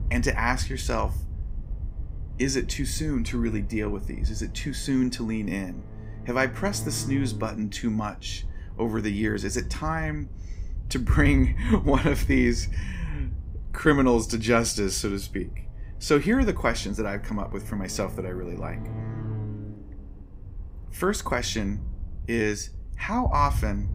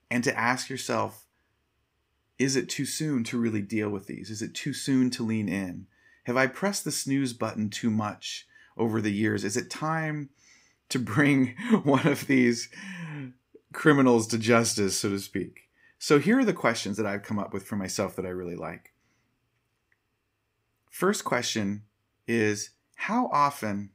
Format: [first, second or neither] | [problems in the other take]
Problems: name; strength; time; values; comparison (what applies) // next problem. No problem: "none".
second | low rumble; faint; throughout; 20 dB below the speech